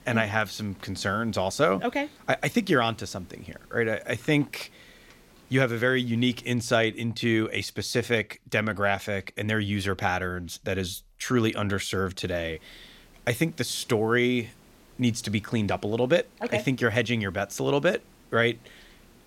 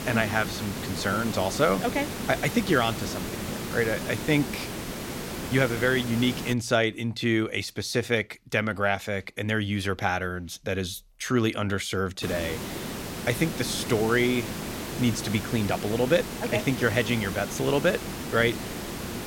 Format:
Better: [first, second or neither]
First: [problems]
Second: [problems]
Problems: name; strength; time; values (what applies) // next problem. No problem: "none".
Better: first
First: hiss; faint; until 6.5 s and from 12 s on; 30 dB below the speech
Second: hiss; loud; until 6.5 s and from 12 s on; 7 dB below the speech